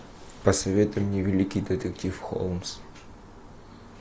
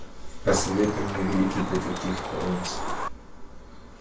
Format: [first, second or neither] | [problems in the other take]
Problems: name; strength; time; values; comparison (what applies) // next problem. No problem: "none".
first | background sound (Chicken, rooster); 5 dB below the speech // room echo; dies away in 0.3 s